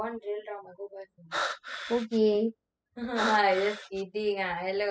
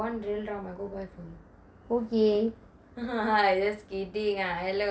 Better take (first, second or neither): second